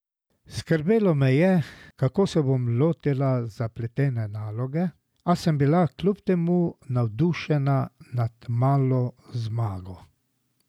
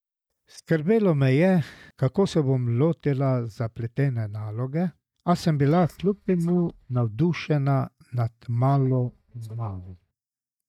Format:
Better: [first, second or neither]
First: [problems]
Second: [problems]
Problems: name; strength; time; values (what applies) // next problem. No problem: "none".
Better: first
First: none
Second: noise reduction (neural mask model DeepFilterNet 3)